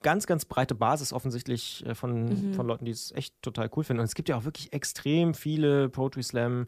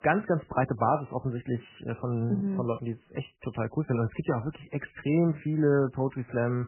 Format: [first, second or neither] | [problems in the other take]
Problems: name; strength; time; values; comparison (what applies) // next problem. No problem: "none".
first | garbled, watery; badly; nothing above 3 kHz